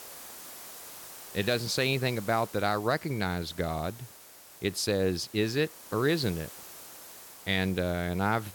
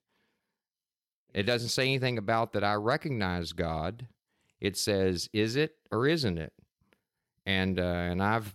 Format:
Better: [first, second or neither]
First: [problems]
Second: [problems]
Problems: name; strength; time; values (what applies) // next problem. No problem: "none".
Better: second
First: hiss; noticeable; throughout; 15 dB below the speech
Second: none